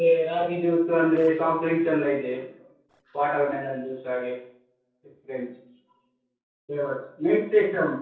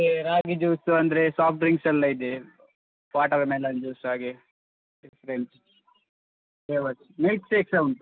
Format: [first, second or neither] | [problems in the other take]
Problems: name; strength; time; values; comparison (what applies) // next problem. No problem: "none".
second | noise reduction (neural separator model SepFormer DNS4)